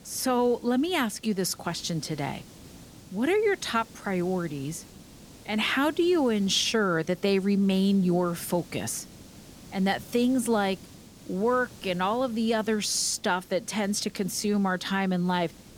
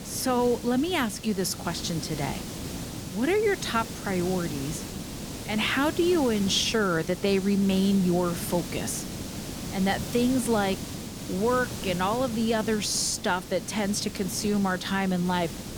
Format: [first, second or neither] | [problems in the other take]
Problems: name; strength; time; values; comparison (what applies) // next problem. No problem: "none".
first | hiss; loud; throughout; 9 dB below the speech; faint in the first